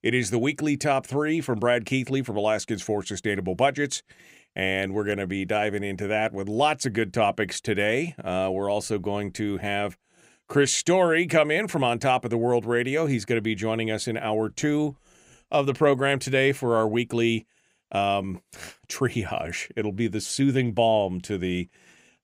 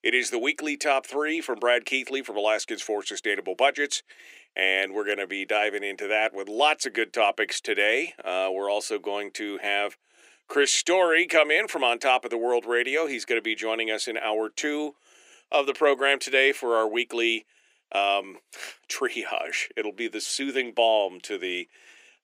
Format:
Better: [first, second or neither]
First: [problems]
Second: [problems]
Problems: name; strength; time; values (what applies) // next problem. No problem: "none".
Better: first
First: none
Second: thin; somewhat; fading below 350 Hz